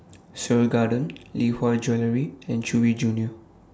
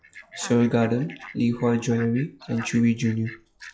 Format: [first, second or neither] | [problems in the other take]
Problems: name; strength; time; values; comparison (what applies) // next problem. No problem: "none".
first | noise reduction (classical method log-MMSE)